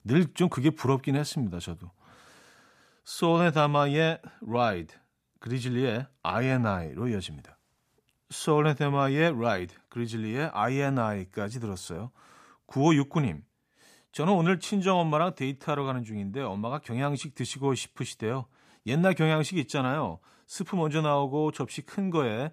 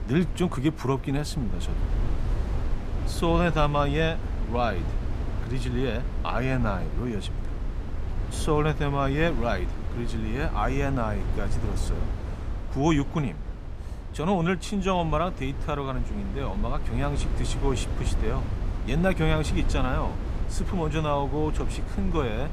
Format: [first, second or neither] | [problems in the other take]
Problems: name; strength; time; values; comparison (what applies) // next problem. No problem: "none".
first | wind noise on the microphone; occasional gusts; 10 dB below the speech